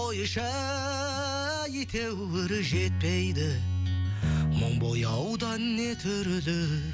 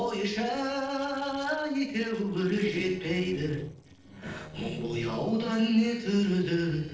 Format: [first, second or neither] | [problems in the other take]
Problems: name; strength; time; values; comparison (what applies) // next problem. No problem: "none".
first | noise reduction (neural separator model SepFormer DNS4)